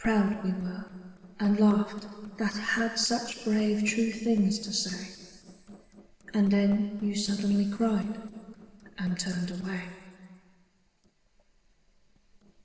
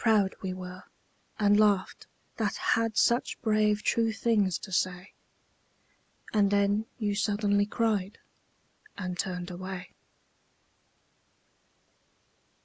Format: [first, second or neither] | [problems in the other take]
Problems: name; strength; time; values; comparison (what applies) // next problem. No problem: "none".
second | noise reduction (neural separator model SepFormer DNS4)